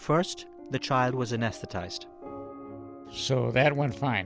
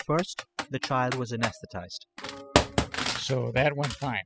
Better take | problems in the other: first | noise reduction (classical method spectral subtraction)

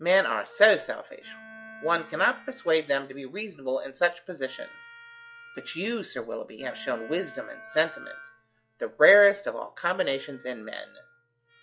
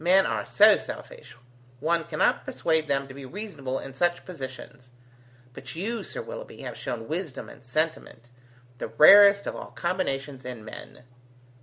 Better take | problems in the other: second | noise reduction (classical method log-MMSE)

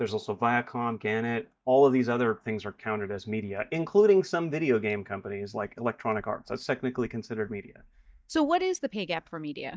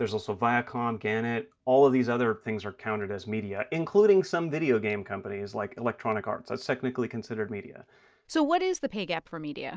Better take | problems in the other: second | noise reduction (neural mask model DeepFilterNet 3)

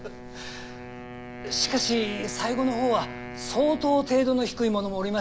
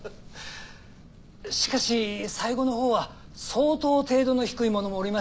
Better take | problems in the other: second | background sound (Wind instrument, woodwind instrument); 13 dB below the speech

